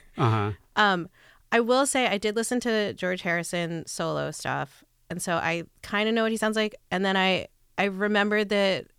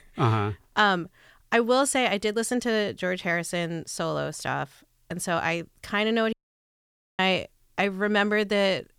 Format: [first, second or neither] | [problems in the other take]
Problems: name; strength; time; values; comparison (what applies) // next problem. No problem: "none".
first | audio cutting out; at 6.5 s for 1 s